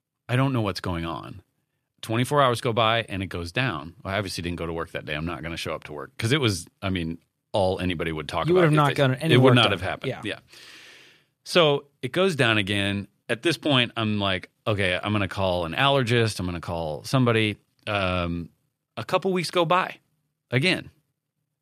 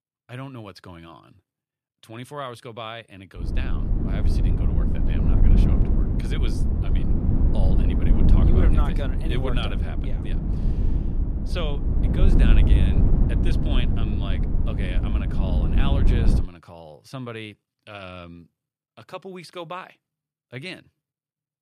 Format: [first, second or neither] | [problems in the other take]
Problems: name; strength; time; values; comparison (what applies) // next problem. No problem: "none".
first | wind noise on the microphone; heavy; from 3.5 to 16 s; 1 dB above the speech